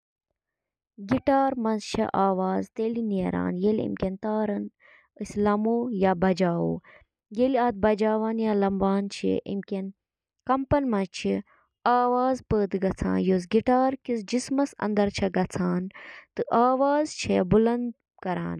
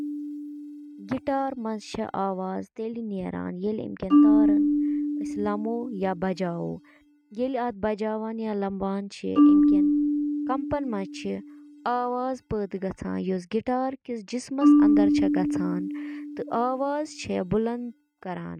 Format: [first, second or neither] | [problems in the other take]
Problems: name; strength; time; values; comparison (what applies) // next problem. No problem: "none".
first | noise reduction (neural mask model RNNoise)